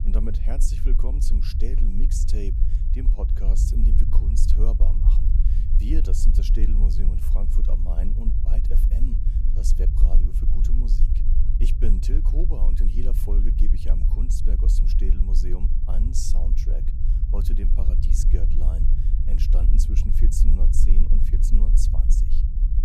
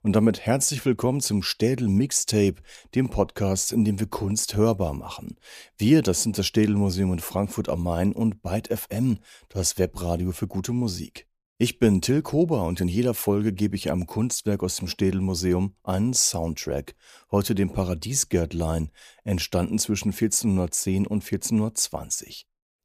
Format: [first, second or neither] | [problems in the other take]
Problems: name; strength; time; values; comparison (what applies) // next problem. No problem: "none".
second | low rumble; loud; throughout; 3 dB below the speech